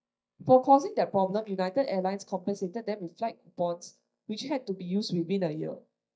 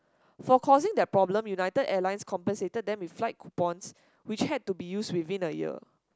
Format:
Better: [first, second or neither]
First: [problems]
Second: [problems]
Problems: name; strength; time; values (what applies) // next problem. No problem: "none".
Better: second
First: noise reduction (neural mask model DeepFilterNet 3)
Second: none